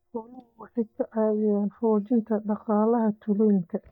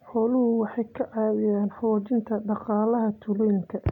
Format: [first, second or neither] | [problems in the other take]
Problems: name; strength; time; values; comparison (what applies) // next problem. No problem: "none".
second | noise reduction (neural mask model DeepFilterNet 3)